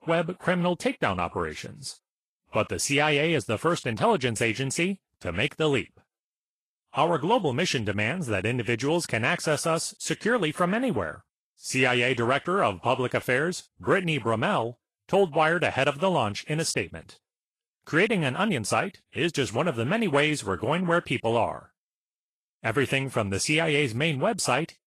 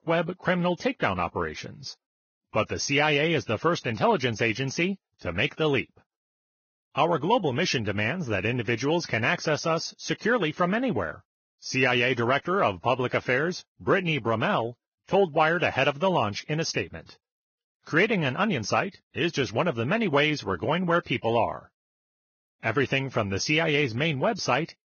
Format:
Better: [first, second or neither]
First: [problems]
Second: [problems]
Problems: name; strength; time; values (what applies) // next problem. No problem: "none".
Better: first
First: garbled, watery; slightly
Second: garbled, watery; badly; nothing above 6.5 kHz